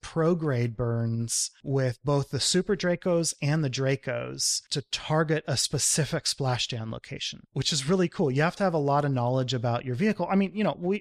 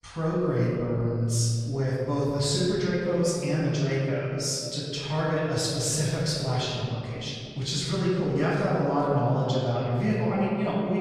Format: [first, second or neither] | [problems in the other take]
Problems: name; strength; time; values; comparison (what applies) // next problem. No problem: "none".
first | room echo; strong; dies away in 2.2 s // off-mic speech; far